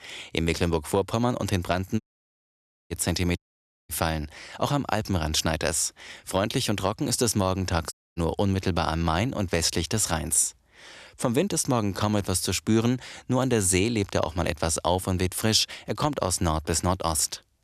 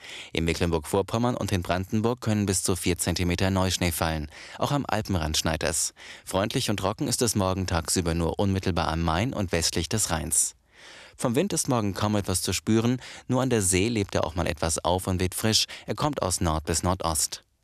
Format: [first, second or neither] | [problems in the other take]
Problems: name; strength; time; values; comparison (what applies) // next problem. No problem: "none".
second | audio cutting out; at 2 s for 1 s, at 3.5 s for 0.5 s and at 8 s